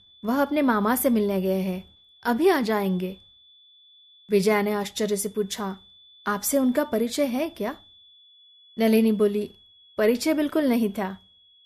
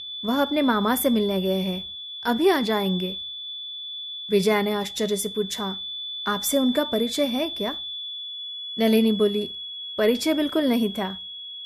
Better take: first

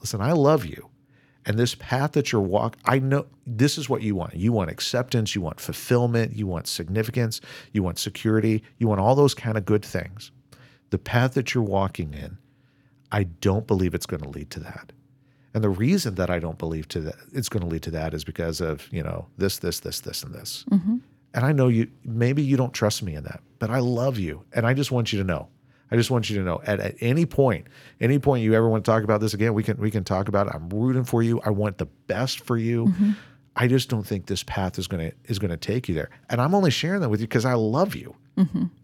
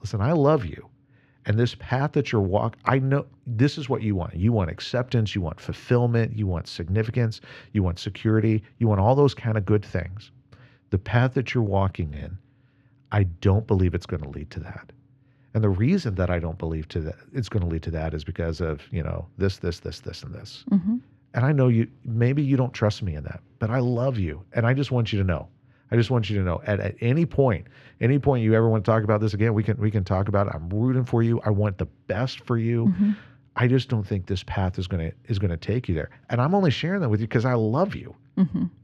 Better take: first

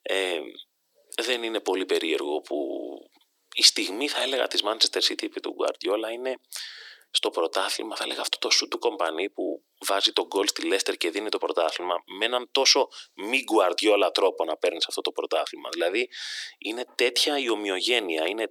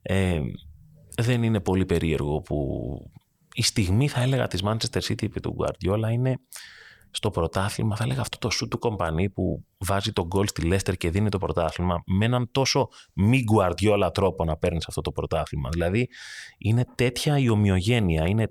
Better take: second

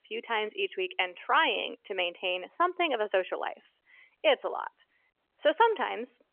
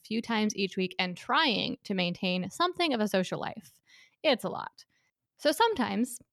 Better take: second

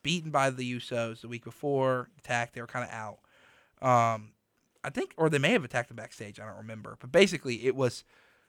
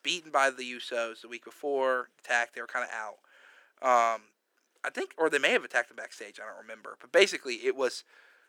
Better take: first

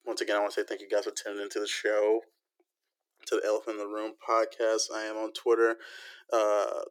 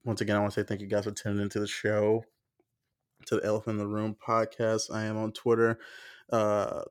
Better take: second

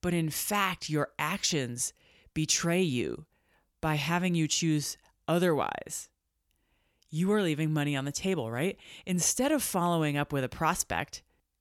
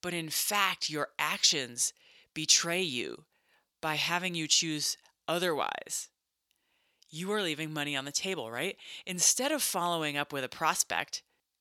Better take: first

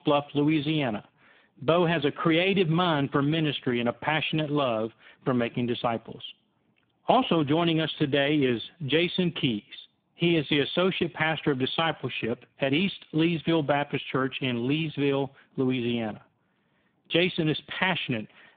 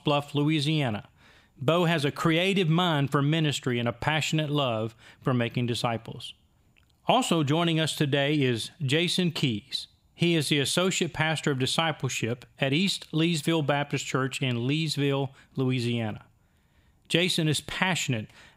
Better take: second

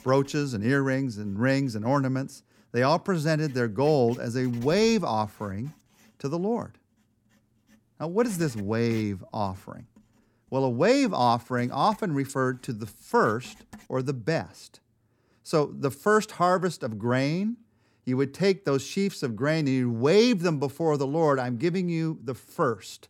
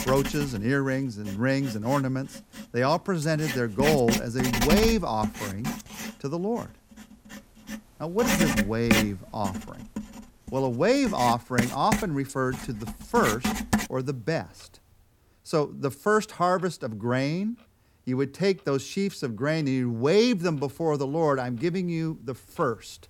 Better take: first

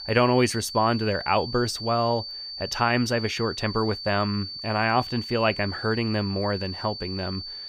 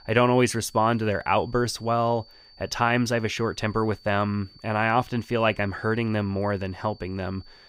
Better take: second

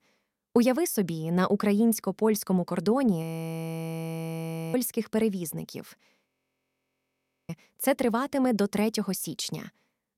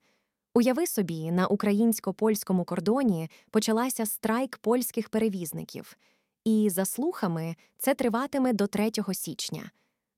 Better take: second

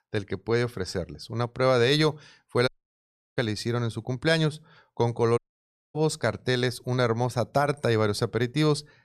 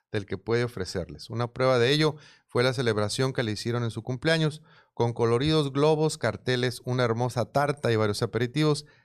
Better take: second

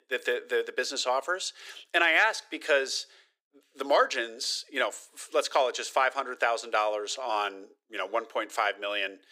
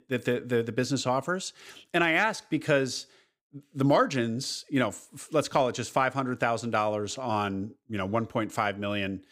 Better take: second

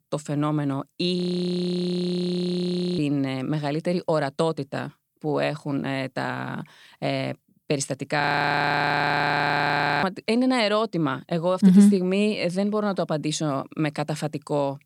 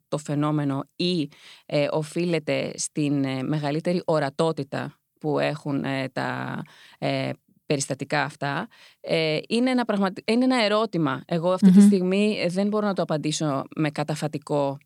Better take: second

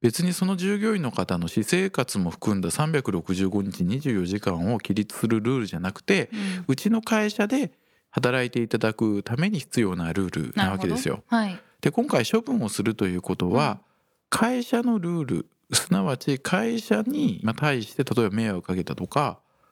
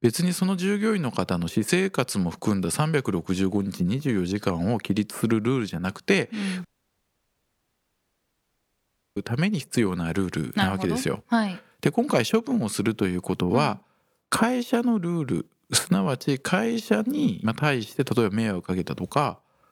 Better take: first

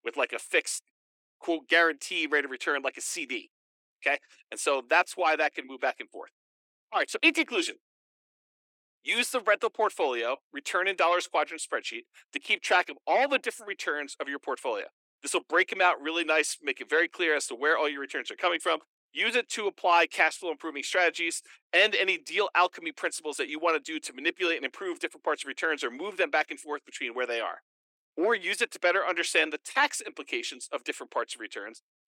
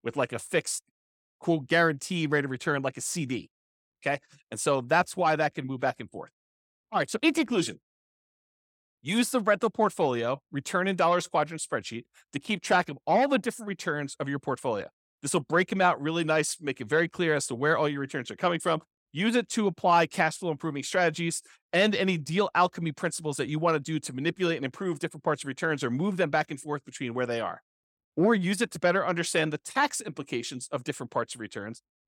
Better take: second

